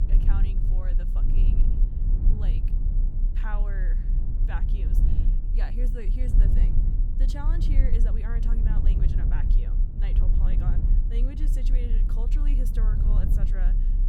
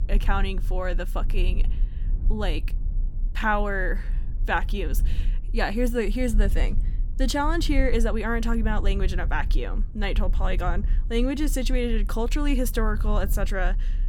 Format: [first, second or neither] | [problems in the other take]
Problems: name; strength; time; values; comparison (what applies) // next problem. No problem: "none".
second | low rumble; loud; throughout; 1 dB below the speech; faint in the second